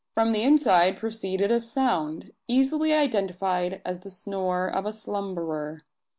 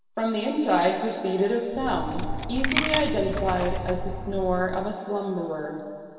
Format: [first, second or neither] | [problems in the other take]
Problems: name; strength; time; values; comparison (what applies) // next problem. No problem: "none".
first | background sound (Coin (dropping)); 3 dB below the speech // room echo; dies away in 2.5 s